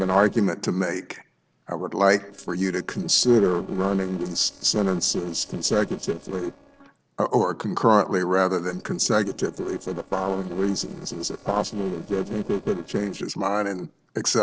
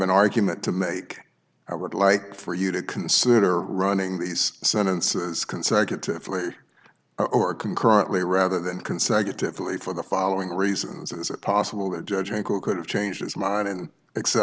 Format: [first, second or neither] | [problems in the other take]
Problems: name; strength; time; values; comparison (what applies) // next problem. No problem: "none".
second | noise reduction (neural separator model SepFormer DNS4)